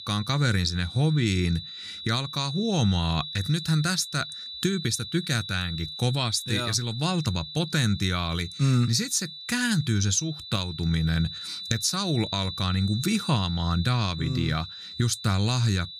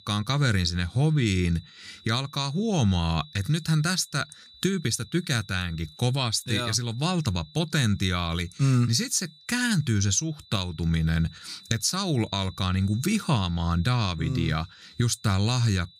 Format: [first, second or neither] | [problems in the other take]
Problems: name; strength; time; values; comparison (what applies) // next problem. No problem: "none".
second | high-pitched whine; loud; throughout; 4 kHz, 10 dB below the speech; faint in the second